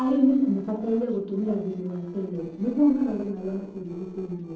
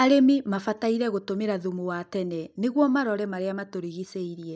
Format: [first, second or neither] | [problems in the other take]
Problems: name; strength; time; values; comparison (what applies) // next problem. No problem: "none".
second | noise reduction (neural separator model SepFormer DNS4)